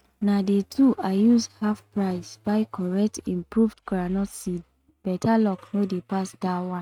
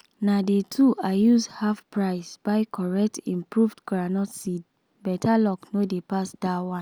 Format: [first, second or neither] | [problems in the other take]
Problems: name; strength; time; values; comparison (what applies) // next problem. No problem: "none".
second | noise reduction (neural mask model RNNoise)